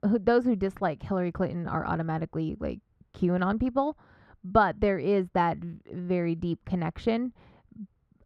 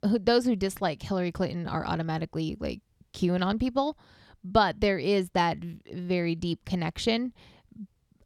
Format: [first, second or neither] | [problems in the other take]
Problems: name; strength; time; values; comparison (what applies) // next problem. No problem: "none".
second | muffled; very; fading above 3 kHz